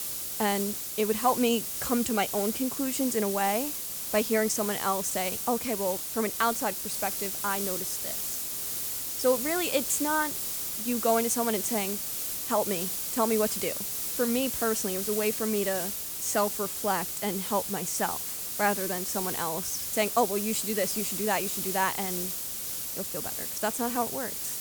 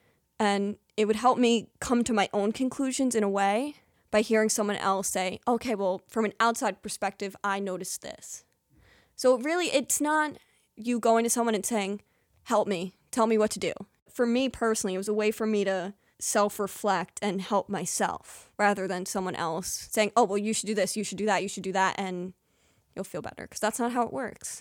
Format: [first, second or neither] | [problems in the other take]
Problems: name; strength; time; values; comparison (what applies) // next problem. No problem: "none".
second | hiss; loud; throughout; 1 dB below the speech